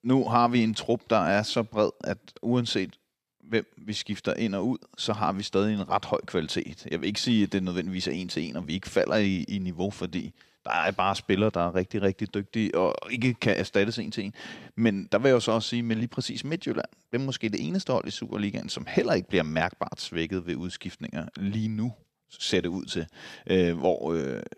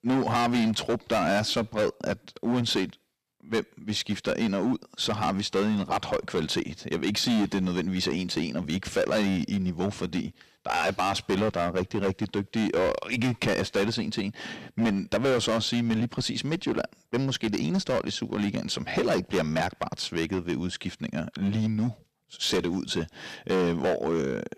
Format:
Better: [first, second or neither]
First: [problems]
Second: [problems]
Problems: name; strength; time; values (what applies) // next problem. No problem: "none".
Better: first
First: none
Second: distortion; heavy; 11% of the sound clipped